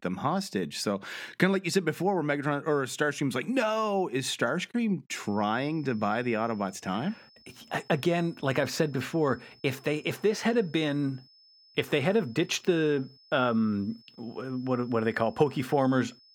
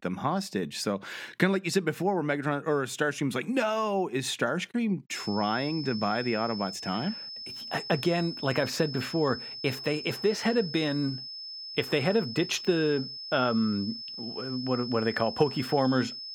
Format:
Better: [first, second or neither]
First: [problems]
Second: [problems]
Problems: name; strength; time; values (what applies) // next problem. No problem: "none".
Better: first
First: high-pitched whine; faint; from 5 s on; 5 kHz, 25 dB below the speech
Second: high-pitched whine; loud; from 5 s on; 5 kHz, 8 dB below the speech